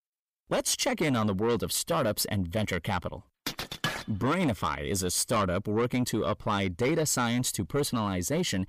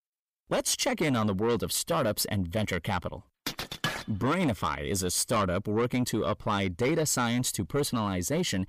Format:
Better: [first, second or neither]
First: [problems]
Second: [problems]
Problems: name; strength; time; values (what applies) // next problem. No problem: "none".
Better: neither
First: distortion; slight; 10 dB below the speech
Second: distortion; slight; 10 dB below the speech